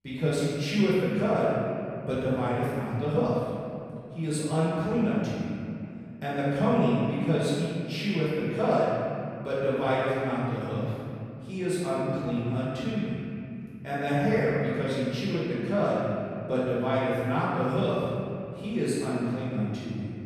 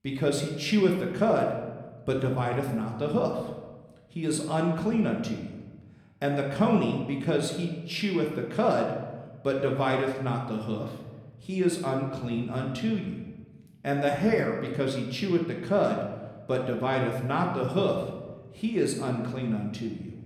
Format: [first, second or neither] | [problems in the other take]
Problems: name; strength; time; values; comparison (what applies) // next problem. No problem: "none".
second | room echo; strong; dies away in 2.7 s; slight in the second // off-mic speech; far; somewhat distant in the second